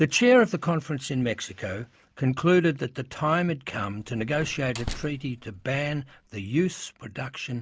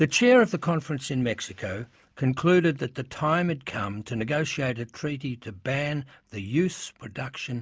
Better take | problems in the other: second | background sound (Slam); 14 dB below the speech

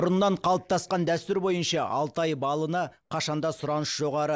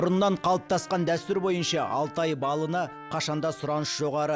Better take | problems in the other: first | background sound (Bowed string instrument + Trumpet); 19 dB below the speech

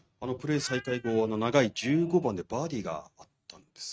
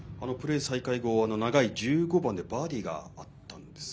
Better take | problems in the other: second | noise reduction (neural mask model RNNoise)

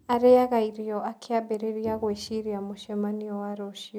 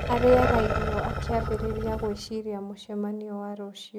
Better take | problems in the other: first | background sound (Growling); 3 dB below the speech

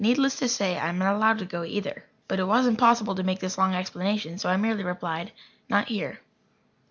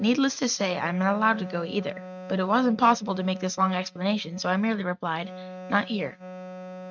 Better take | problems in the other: first | noise reduction (neural mask model RNNoise)

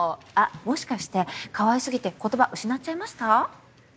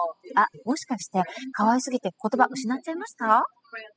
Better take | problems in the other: first | noise reduction (classical method spectral subtraction)

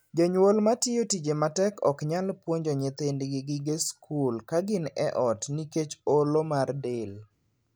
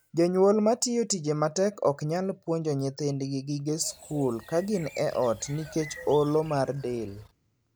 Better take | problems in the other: first | background sound (Bird); 19 dB below the speech

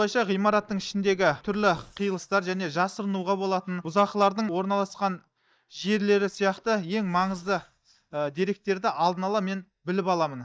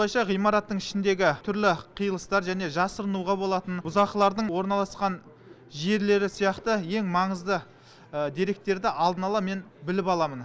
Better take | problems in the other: second | noise reduction (neural mask model DeepFilterNet 3)

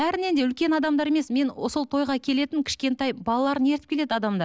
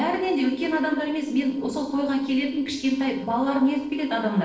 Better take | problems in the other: first | noise reduction (neural separator model SepFormer DNS4)

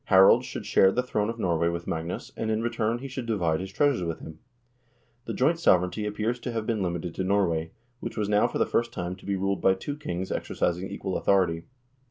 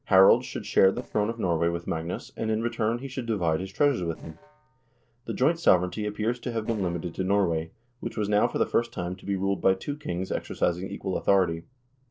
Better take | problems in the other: first | noise reduction (neural separator model SepFormer DNS4)

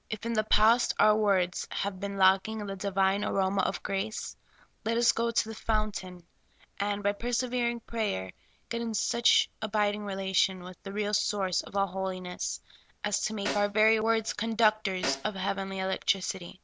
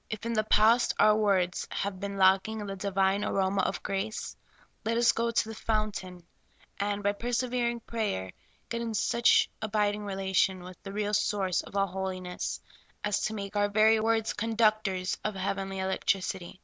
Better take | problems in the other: second | background sound (Snare drum); 11 dB below the speech

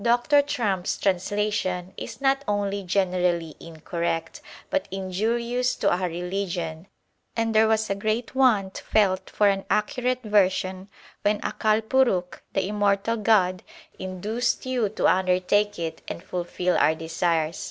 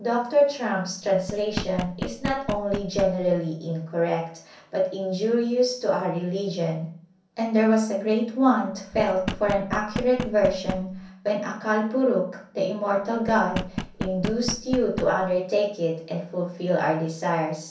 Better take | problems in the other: first | background sound (Knock); 8 dB below the speech // room echo; dies away in 0.6 s

